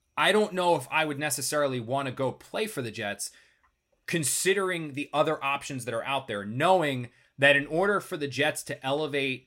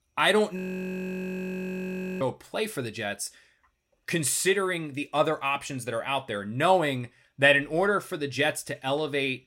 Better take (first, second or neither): first